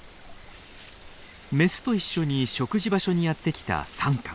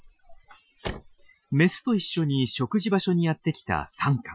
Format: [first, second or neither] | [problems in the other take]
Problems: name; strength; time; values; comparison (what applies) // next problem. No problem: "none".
first | noise reduction (classical method Wiener filter)